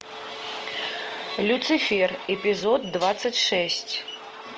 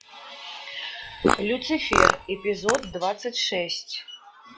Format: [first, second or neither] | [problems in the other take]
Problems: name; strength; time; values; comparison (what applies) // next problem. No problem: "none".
first | noise reduction (classical method log-MMSE)